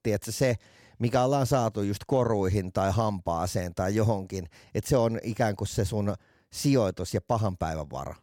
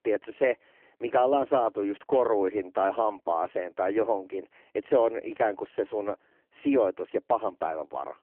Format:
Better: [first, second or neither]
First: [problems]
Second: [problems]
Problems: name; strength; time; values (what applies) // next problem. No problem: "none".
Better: first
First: none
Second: phone-call audio; poor line